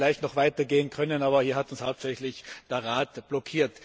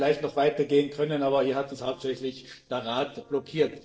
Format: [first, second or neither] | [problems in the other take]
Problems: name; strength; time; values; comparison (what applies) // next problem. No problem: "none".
first | noise reduction (neural separator model SepFormer DNS4)